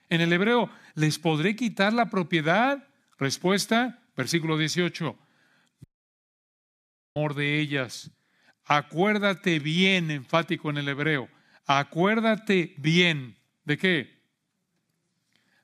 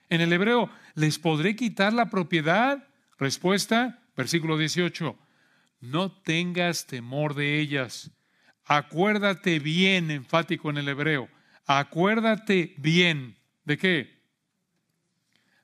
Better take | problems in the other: second | audio cutting out; at 6 s for 1.5 s

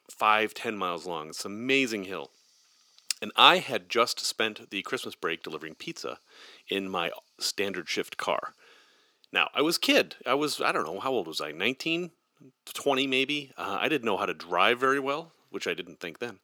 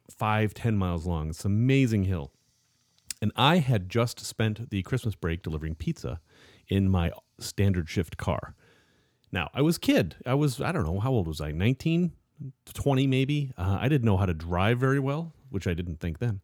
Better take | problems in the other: second | thin; very; fading below 350 Hz

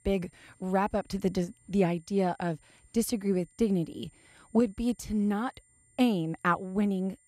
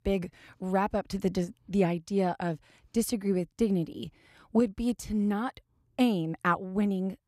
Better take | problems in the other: second | high-pitched whine; faint; throughout; 9 kHz, 30 dB below the speech

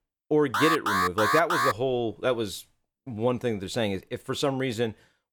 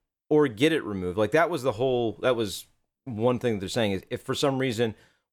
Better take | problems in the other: second | alarm; loud; from 0.5 to 1.5 s; peak 3 dB above the speech

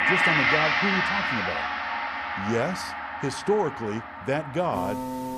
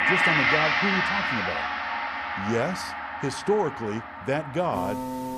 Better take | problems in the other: neither | background music; very loud; throughout; 4 dB above the speech; the same in both

